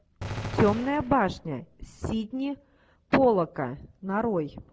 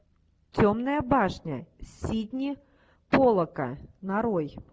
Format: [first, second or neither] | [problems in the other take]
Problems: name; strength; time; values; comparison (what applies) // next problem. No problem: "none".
second | background sound (Gunshot, gunfire); 10 dB below the speech